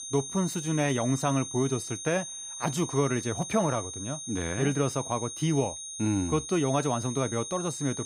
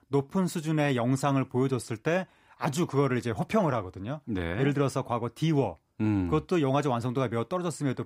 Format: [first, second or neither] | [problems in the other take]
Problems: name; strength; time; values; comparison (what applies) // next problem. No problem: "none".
second | high-pitched whine; loud; throughout; 6.5 kHz, 7 dB below the speech